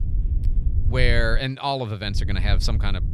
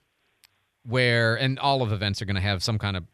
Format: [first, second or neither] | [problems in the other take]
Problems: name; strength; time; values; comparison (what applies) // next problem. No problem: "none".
second | low rumble; noticeable; until 1.5 s and from 2 s on; 20 dB below the speech